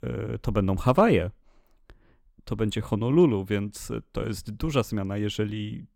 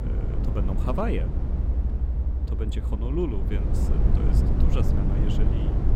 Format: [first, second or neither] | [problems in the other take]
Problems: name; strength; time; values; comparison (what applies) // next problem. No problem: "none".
first | low rumble; loud; throughout; 2 dB below the speech